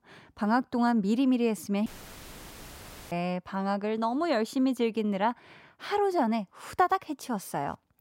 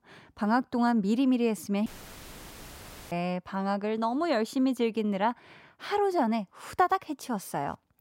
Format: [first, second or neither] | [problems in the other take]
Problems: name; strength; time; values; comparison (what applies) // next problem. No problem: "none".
neither | audio cutting out; filled with static; at 2 s for 1 s; the same in both